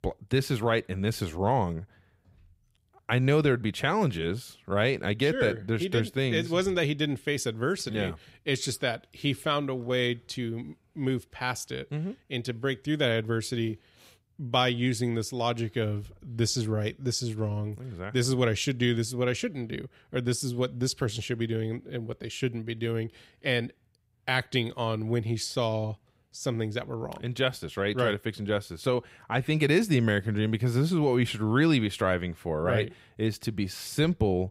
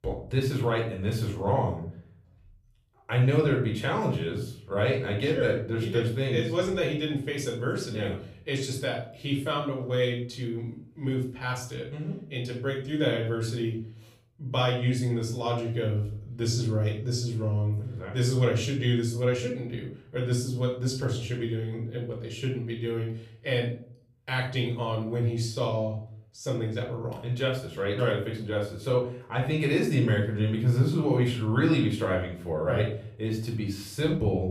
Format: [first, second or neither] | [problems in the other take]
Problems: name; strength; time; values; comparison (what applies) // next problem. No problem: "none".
first | off-mic speech; far // room echo; slight; dies away in 0.4 s